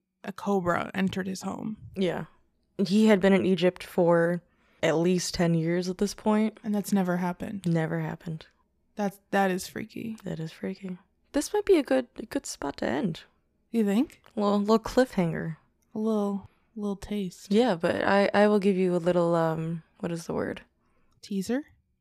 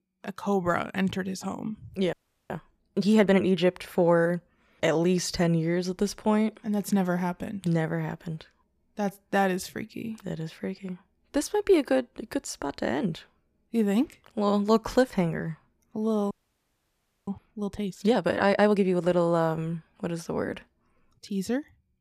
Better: first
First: none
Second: audio freezing; at 2 s and at 16 s for 1 s

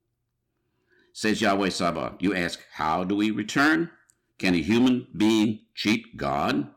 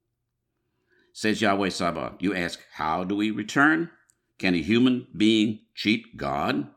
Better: second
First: distortion; slight; 4% of the sound clipped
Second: none

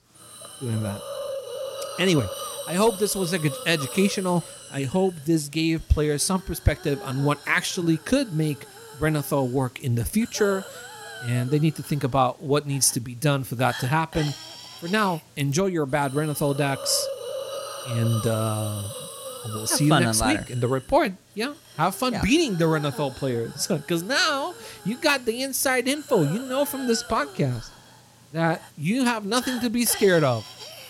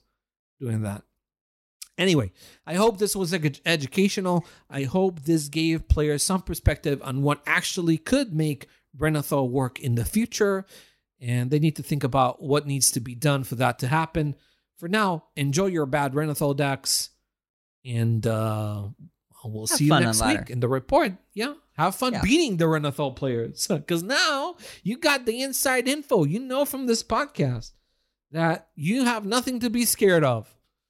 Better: second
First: hiss; noticeable; throughout; 15 dB below the speech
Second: none

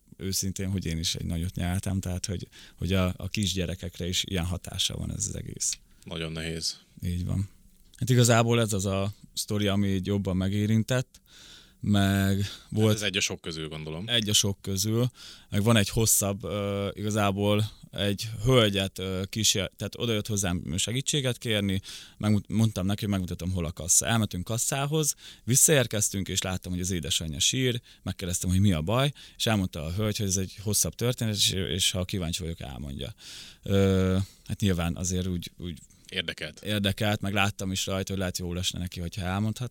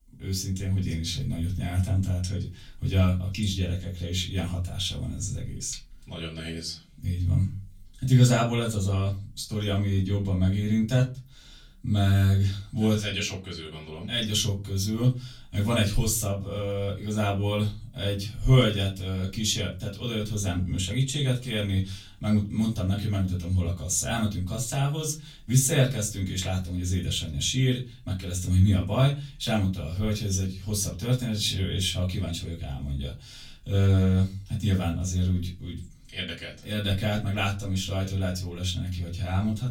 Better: first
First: none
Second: off-mic speech; far // room echo; very slight; dies away in 0.3 s

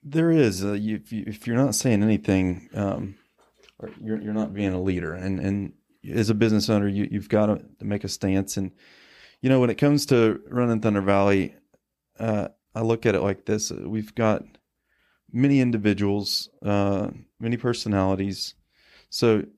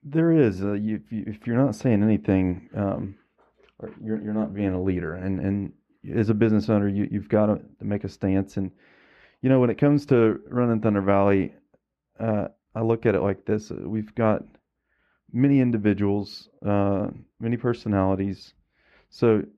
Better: first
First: none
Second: muffled; very; fading above 3.5 kHz

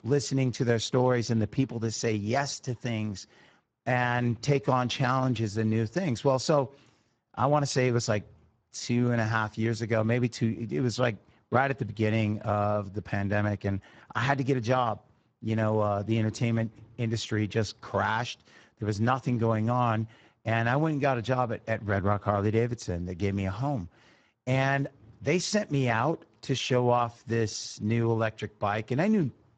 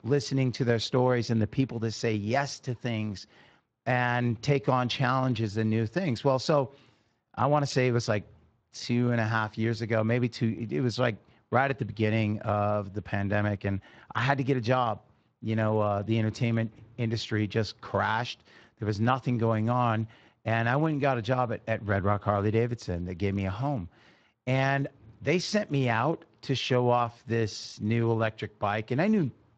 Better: second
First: garbled, watery; badly; nothing above 7.5 kHz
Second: garbled, watery; slightly

